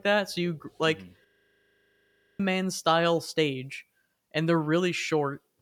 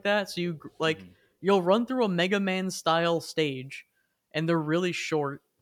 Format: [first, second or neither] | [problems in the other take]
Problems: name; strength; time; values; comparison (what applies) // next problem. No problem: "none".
second | audio freezing; at 1.5 s for 1 s